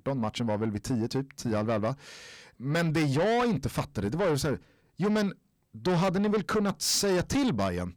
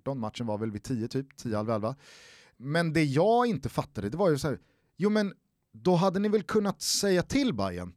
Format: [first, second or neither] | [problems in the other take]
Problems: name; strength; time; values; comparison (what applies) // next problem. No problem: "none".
second | distortion; heavy; 8 dB below the speech